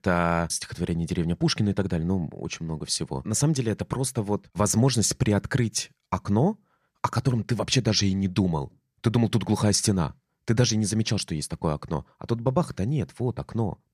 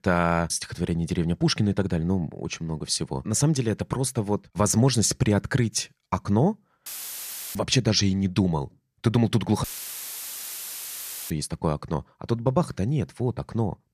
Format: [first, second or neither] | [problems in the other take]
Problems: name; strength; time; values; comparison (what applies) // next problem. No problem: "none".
first | audio cutting out; filled with static; at 7 s for 0.5 s and at 9.5 s for 1.5 s